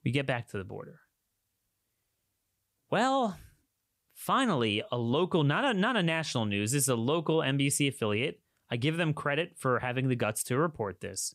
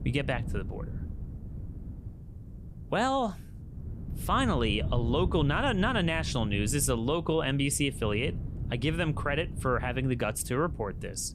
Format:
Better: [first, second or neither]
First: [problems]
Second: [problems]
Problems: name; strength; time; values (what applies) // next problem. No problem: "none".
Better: first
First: none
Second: wind noise on the microphone; occasional gusts; 20 dB below the speech